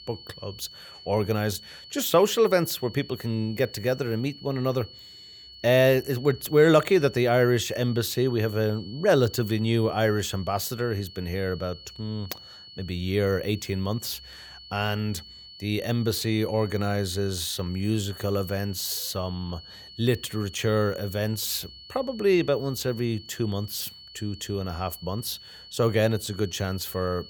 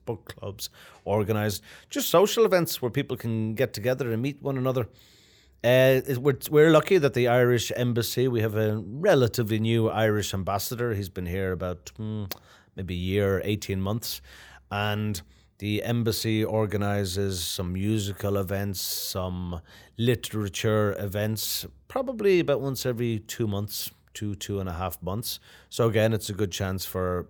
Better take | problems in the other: second | high-pitched whine; noticeable; throughout; 4.5 kHz, 15 dB below the speech

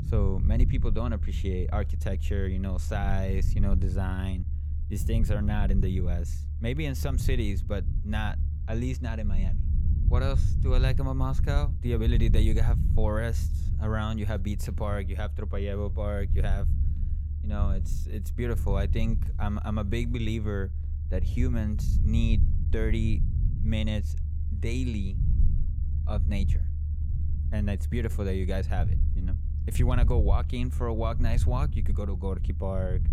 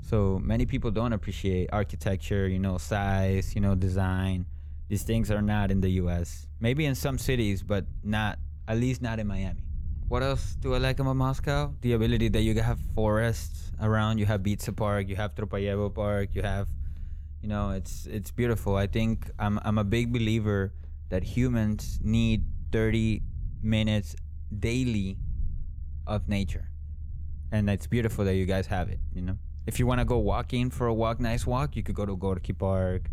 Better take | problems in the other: second | low rumble; loud; throughout; 10 dB below the speech; faint in the second

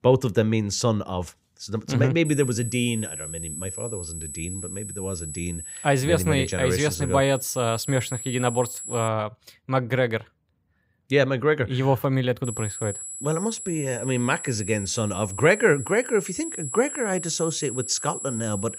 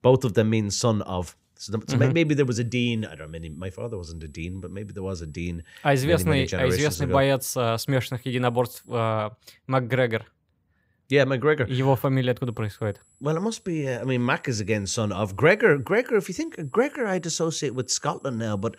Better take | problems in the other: second | high-pitched whine; loud; from 2.5 to 9 s and from 12 s on; 7.5 kHz, 9 dB below the speech; faint in the second

